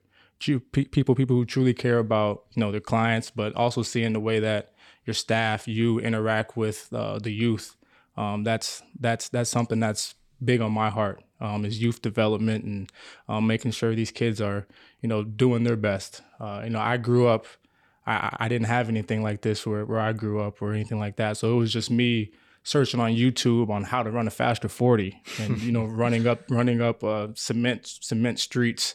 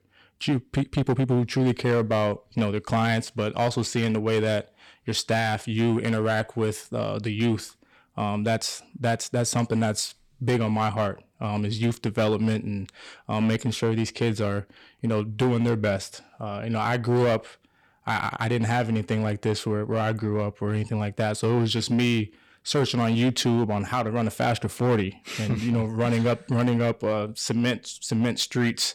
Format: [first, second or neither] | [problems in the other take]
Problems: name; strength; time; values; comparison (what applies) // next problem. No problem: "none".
first | distortion; slight; 7% of the sound clipped